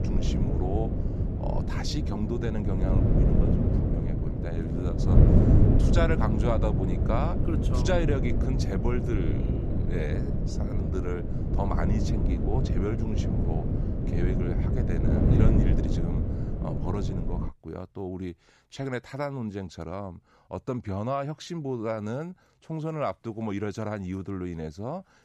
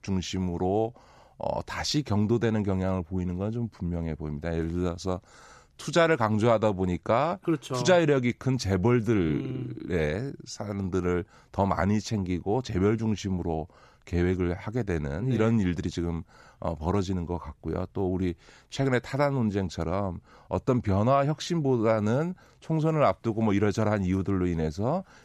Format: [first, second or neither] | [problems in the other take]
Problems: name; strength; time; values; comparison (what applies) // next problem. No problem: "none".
second | wind noise on the microphone; heavy; until 17 s; 1 dB below the speech